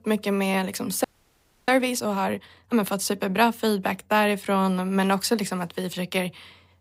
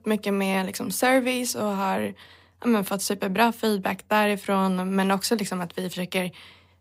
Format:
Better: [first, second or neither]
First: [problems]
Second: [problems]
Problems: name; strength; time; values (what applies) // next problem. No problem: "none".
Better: second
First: audio freezing; at 1 s for 0.5 s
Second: none